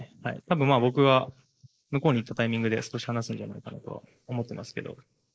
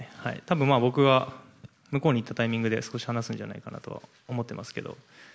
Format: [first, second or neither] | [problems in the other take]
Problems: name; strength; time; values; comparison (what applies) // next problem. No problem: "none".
second | noise reduction (neural mask model Resemble Enhance denoiser)